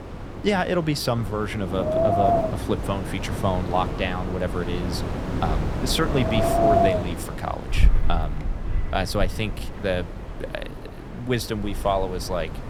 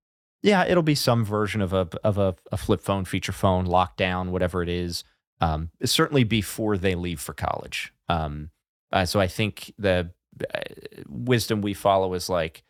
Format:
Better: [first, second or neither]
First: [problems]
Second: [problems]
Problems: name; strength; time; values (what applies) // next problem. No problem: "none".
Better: second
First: wind in the background; very loud; throughout; as loud as the speech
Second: none